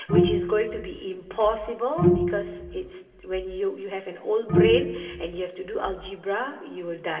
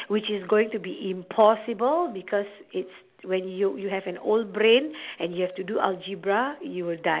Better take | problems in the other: second | background sound (Bowed string instrument); 2 dB above the speech // room echo; dies away in 2.8 s

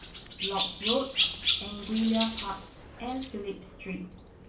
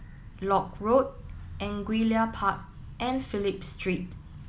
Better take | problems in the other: second | background sound (Chirp, tweet); 1 dB below the speech // room echo; dies away in 0.3 s

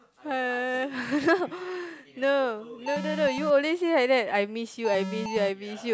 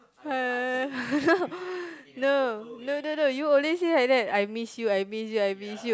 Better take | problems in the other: second | background sound (Alarm); 7 dB below the speech

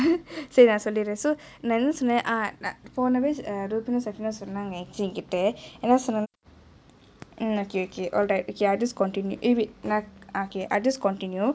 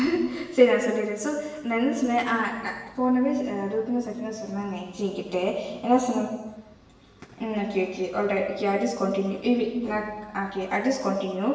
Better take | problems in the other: first | room echo; dies away in 1.1 s

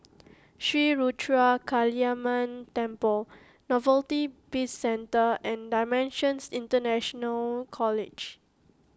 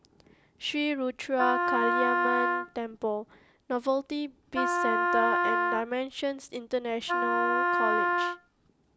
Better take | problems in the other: first | background sound (Wind instrument, woodwind instrument); 4 dB above the speech

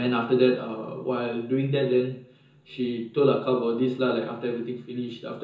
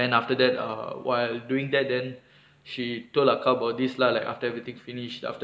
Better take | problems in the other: second | room echo; dies away in 0.6 s

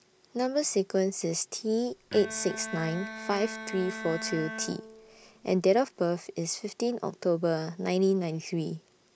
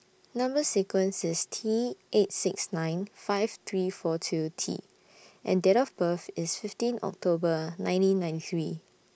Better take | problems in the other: second | background sound (Bowed string instrument); 10 dB below the speech

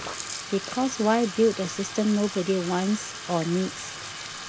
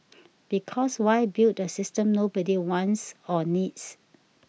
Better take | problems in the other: second | background sound (Bathtub (filling or washing)); 10 dB below the speech

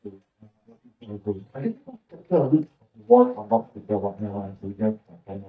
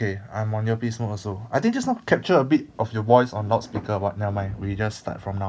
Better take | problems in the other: second | noise reduction (neural mask model DeepFilterNet 3)

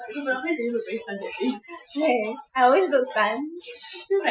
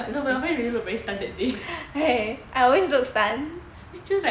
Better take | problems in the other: second | noise reduction (classical method Wiener filter)

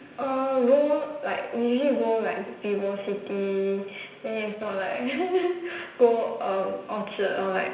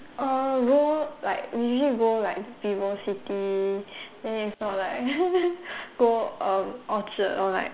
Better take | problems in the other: second | room echo; dies away in 0.9 s

